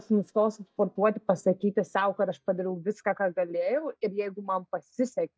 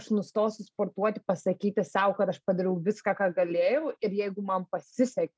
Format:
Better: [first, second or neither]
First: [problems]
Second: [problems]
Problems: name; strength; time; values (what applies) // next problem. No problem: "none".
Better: second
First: noise reduction (neural mask model DeepFilterNet 3)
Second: none